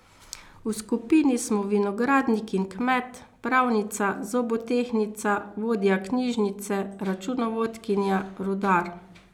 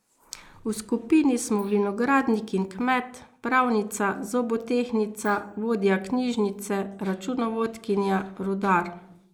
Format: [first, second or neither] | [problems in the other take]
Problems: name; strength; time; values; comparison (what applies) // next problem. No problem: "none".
first | noise reduction (neural mask model Resemble Enhance denoiser)